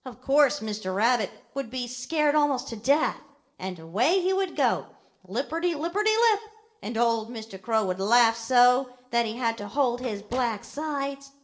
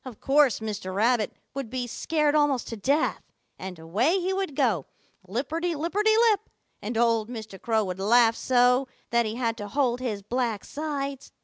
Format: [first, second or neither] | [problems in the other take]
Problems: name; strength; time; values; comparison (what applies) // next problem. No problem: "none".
second | noise reduction (neural separator model SepFormer DNS4)